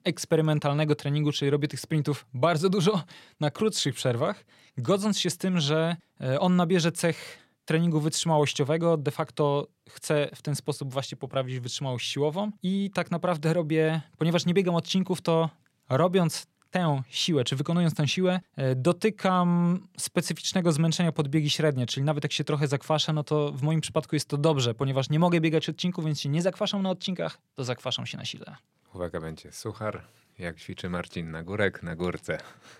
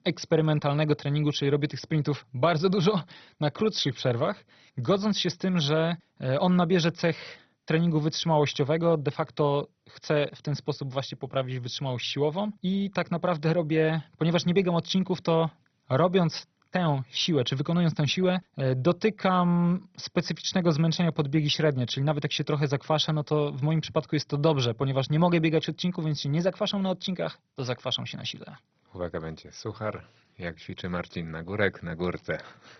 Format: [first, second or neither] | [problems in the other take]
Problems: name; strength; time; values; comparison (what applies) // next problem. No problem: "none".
first | garbled, watery; badly; nothing above 6 kHz